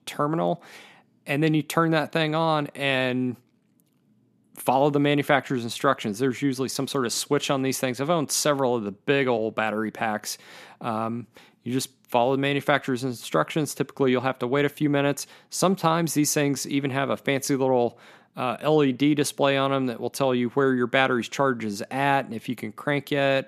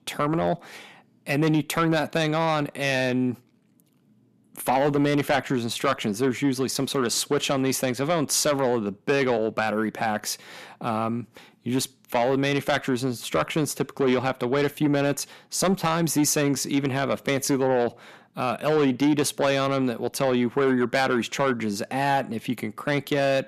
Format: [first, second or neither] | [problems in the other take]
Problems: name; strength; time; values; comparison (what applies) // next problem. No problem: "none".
first | distortion; slight; 10 dB below the speech